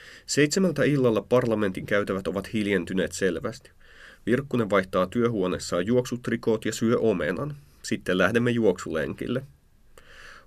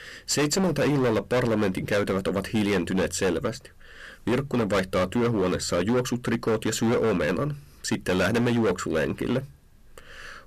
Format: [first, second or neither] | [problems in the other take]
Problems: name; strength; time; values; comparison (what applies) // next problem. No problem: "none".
first | distortion; heavy; 18% of the sound clipped